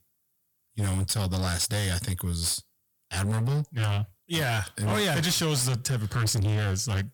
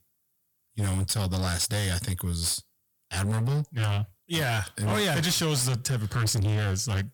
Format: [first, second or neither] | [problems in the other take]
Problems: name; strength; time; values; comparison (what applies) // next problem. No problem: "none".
neither | distortion; heavy; 21% of the sound clipped; the same in both